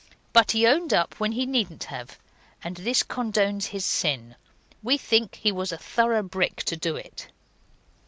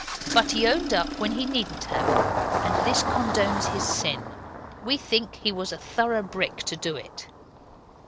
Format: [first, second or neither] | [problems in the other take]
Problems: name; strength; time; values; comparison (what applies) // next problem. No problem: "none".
first | background sound (Engine starting); 2 dB below the speech